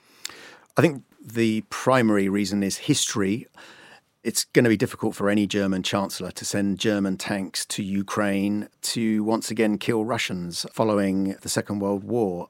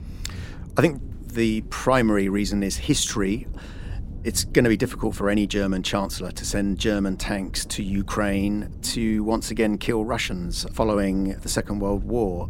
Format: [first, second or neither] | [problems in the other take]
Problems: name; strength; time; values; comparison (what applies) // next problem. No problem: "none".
first | low rumble; faint; throughout; 25 dB below the speech